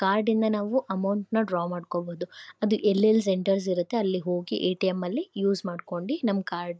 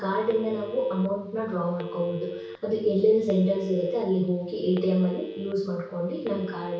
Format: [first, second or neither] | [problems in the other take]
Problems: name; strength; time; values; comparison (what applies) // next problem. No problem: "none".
first | background sound (Telephone); 14 dB below the speech // room echo; dies away in 0.6 s